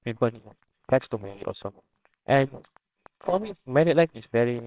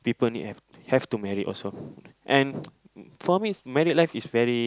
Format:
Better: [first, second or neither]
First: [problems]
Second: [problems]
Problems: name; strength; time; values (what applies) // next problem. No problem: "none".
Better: second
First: noise reduction (neural separator model SepFormer WHAMR!)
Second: none